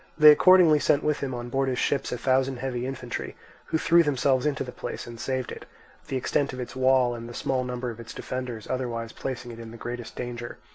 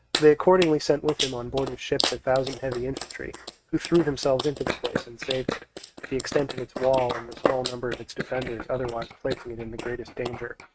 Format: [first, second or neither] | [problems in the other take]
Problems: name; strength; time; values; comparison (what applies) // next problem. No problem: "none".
first | noise reduction (neural mask model RNNoise)